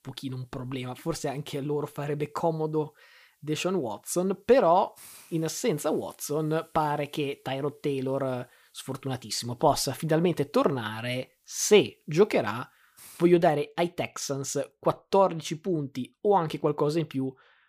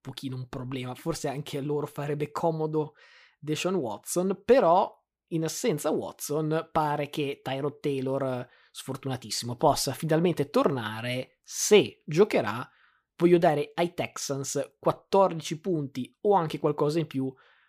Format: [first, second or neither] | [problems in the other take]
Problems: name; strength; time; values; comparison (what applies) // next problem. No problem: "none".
second | hiss; faint; until 13 s; 30 dB below the speech